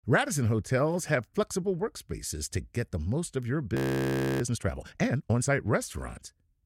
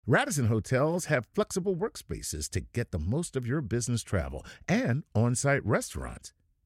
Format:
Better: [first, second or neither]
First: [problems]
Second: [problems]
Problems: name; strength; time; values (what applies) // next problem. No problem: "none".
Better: second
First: audio freezing; at 4 s for 0.5 s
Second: none